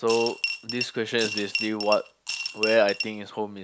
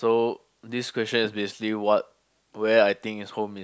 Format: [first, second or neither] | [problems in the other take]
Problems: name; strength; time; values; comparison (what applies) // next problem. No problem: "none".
second | background sound (Coin (dropping) / Glass); 5 dB below the speech